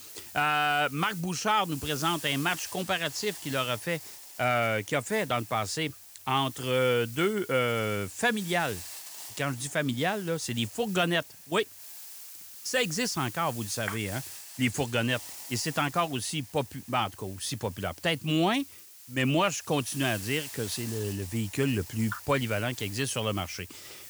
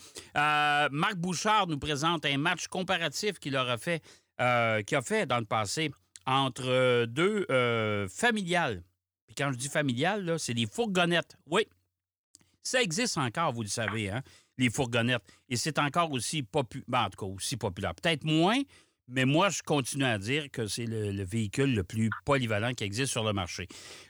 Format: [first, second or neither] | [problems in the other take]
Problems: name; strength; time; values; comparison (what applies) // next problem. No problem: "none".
second | hiss; noticeable; throughout; 15 dB below the speech